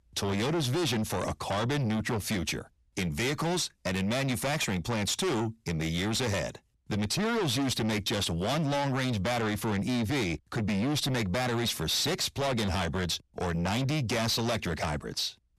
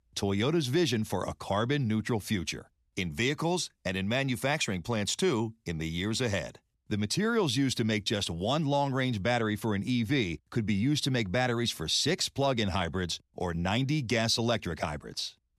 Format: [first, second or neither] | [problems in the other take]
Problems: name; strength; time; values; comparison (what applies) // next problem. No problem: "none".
second | distortion; heavy; 6 dB below the speech